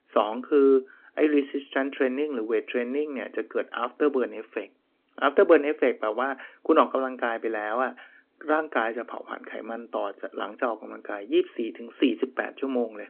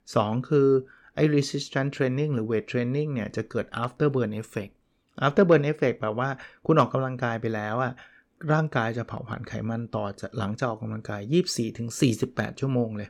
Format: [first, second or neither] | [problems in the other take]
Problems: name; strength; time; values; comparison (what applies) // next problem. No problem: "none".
second | phone-call audio